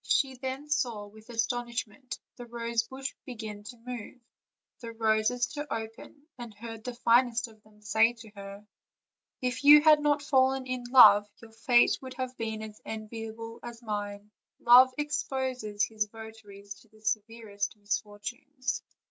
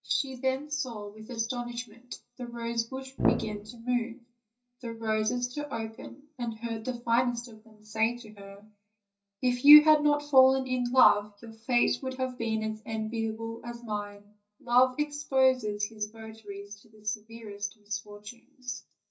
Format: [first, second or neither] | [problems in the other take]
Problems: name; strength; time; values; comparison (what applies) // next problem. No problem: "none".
first | background sound (Brass instrument); 1 dB below the speech // room echo; dies away in 0.4 s